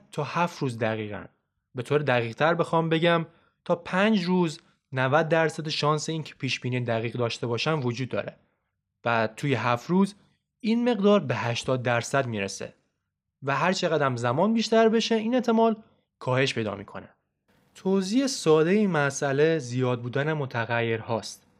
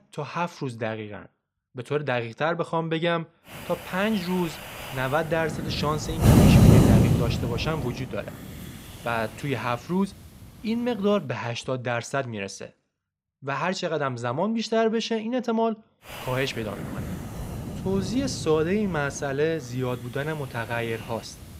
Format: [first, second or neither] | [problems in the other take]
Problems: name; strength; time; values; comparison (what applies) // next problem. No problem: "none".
first | wind noise on the microphone; heavy; from 3.5 to 11 s and from 16 s on; 3 dB below the speech